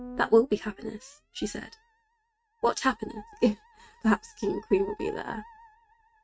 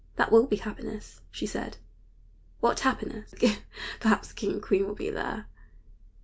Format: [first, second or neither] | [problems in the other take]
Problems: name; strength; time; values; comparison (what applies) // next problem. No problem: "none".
second | noise reduction (neural mask model RNNoise)